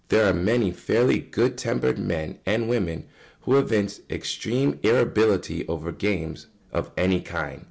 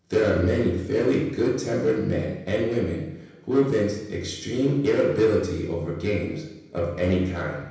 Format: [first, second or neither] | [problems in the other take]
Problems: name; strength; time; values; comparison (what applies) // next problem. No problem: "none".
first | room echo; dies away in 0.9 s